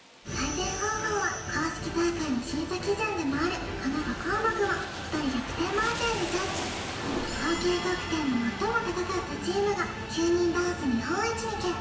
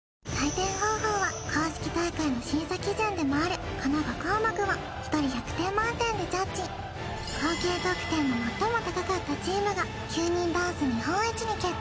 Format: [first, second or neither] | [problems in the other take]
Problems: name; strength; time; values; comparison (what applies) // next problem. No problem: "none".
second | background sound (Rain); 12 dB below the speech // room echo; dies away in 0.8 s